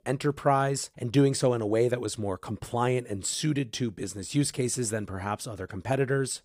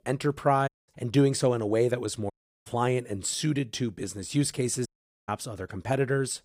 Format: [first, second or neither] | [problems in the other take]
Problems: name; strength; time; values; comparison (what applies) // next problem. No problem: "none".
first | audio cutting out; at 0.5 s, at 2.5 s and at 5 s